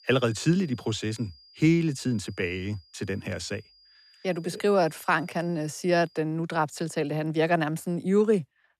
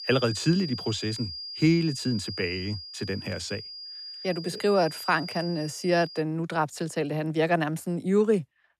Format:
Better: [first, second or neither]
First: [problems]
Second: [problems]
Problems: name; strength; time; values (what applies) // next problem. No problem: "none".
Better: first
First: high-pitched whine; faint; until 6 s; 5 kHz, 25 dB below the speech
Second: high-pitched whine; loud; until 6 s; 5 kHz, 9 dB below the speech